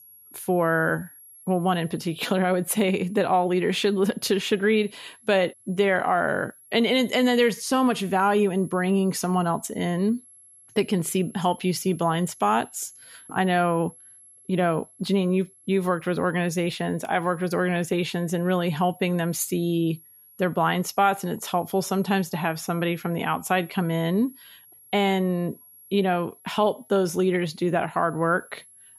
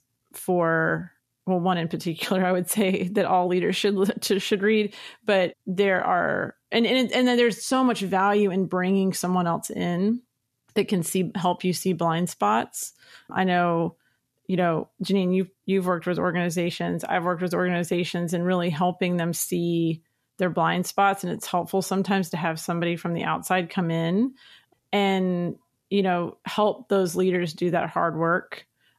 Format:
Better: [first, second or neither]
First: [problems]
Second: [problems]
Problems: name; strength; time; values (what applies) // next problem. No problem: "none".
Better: second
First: high-pitched whine; faint; throughout; 11 kHz, 25 dB below the speech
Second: none